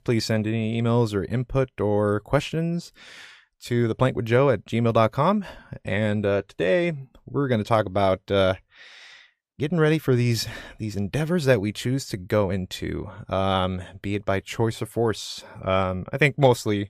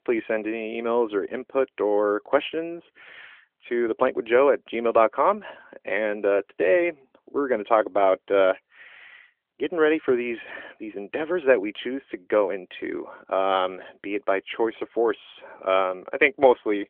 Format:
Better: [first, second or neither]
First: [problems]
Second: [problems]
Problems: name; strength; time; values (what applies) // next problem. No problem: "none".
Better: first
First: none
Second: phone-call audio; nothing above 3.5 kHz